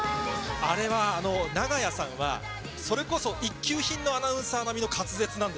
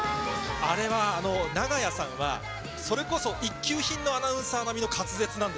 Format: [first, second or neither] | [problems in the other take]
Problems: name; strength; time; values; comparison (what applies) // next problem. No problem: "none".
first | background sound (Trumpet); 13 dB below the speech